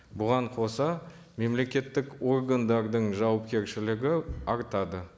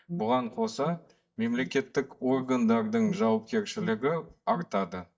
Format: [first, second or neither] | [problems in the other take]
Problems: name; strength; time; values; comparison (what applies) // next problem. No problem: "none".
first | noise reduction (neural mask model DeepFilterNet 3)